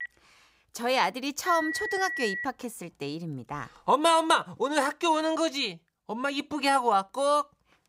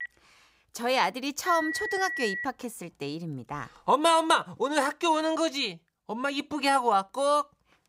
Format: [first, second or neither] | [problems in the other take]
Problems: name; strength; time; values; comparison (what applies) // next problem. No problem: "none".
neither | phone ringing; noticeable; until 2.5 s; peak 4 dB below the speech; the same in both